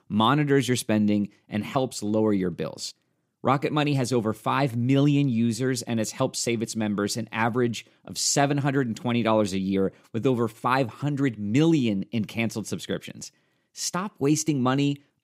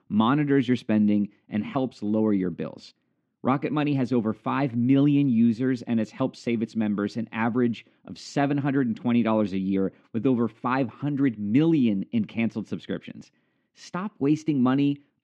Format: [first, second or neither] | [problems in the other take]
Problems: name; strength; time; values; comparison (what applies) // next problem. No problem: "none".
first | muffled; slightly; fading above 2.5 kHz